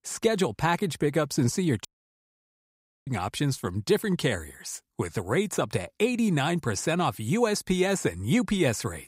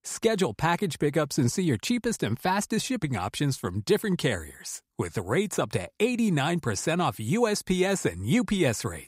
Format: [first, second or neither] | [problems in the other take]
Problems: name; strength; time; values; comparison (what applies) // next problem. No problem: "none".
second | audio cutting out; at 2 s for 1 s